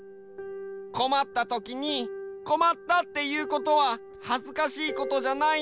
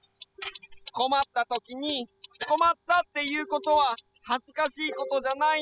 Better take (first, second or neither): first